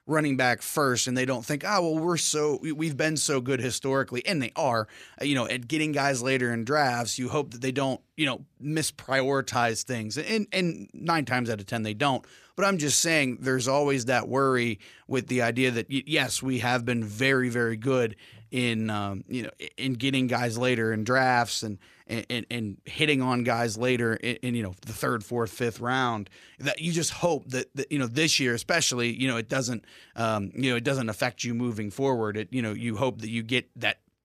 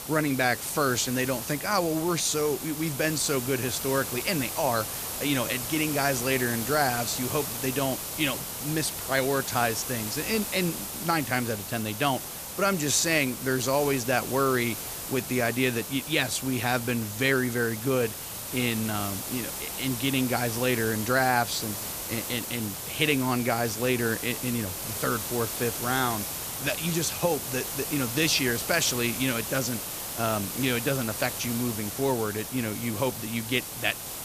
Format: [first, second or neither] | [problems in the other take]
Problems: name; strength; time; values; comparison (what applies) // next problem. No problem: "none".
first | hiss; loud; throughout; 5 dB below the speech